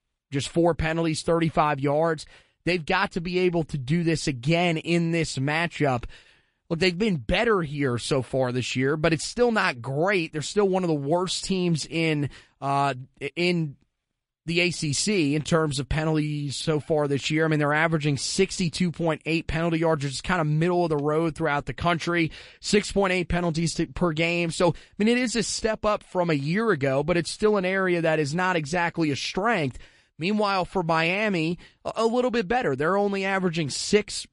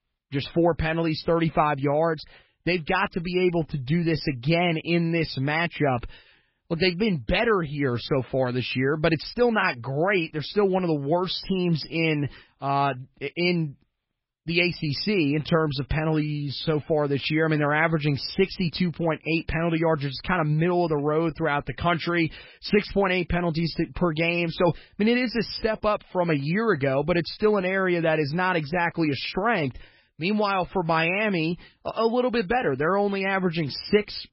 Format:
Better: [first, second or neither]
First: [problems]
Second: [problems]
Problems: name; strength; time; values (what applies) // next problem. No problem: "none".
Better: first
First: garbled, watery; slightly; nothing above 10.5 kHz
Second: garbled, watery; badly; nothing above 5.5 kHz